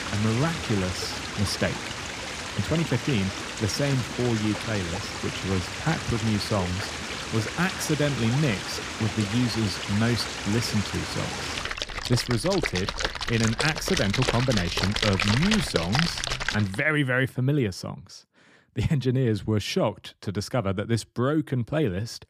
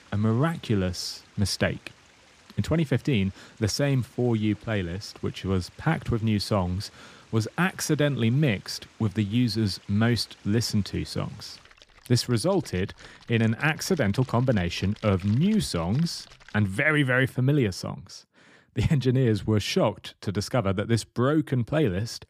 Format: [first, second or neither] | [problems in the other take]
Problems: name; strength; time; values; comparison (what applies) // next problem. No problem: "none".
second | rain or running water; loud; until 17 s; 3 dB below the speech; faint in the second